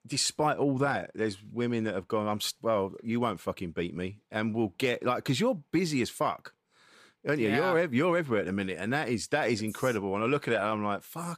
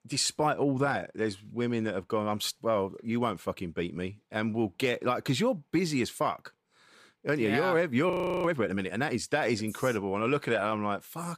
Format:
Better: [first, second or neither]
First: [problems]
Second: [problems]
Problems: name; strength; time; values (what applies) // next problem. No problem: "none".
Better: first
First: none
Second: audio freezing; at 8 s